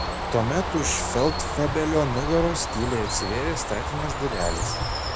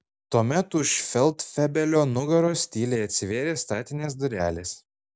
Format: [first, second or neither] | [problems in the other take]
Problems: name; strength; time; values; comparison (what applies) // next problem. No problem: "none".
second | background sound (Bird); 2 dB below the speech